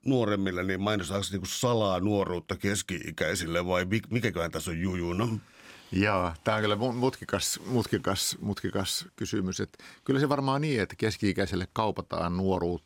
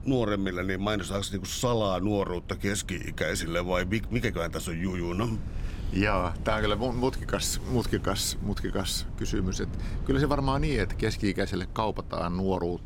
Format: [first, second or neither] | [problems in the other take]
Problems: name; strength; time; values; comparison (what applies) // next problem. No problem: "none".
first | wind noise on the microphone; occasional gusts; 20 dB below the speech